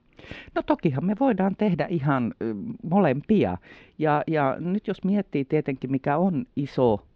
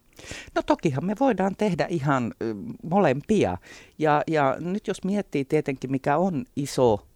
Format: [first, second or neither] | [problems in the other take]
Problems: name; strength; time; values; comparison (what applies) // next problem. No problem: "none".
second | muffled; slightly; fading above 3.5 kHz